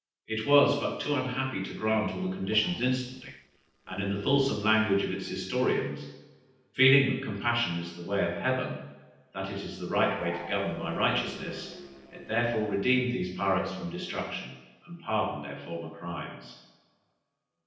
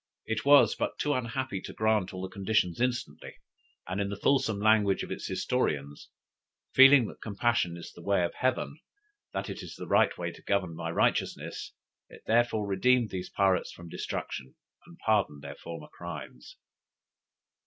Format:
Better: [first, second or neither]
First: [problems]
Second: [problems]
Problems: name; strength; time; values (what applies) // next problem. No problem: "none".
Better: second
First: noise reduction (neural separator model SepFormer DNS4)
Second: none